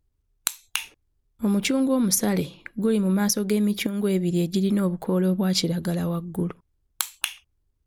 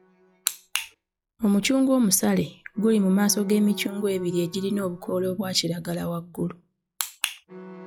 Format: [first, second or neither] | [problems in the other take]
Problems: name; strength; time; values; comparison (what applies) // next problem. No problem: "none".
first | noise reduction (classical method log-MMSE)